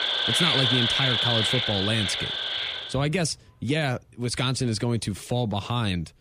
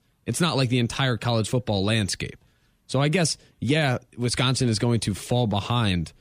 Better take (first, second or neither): second